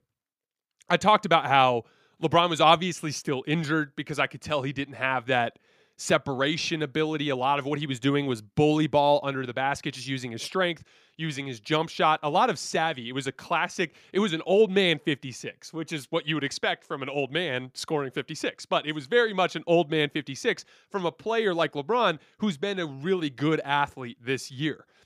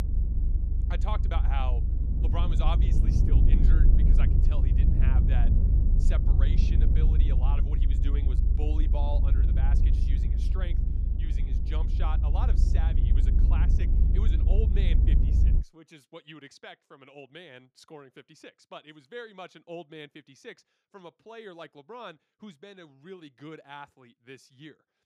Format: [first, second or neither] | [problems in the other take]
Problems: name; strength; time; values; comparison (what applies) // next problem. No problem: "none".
first | low rumble; loud; until 16 s; 1 dB below the speech